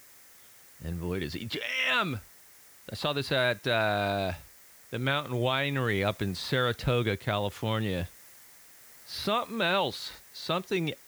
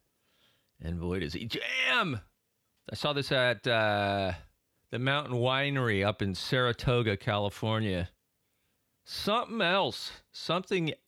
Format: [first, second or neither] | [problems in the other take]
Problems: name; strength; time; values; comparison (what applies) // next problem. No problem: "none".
second | hiss; faint; throughout; 20 dB below the speech